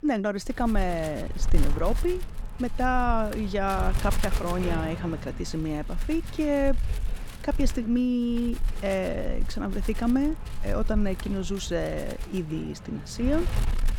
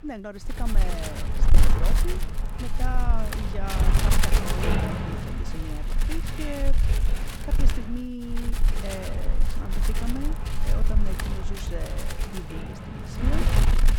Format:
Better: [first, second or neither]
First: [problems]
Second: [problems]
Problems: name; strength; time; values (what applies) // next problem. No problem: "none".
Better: first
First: wind noise on the microphone; occasional gusts; 10 dB below the speech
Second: wind noise on the microphone; heavy; 4 dB above the speech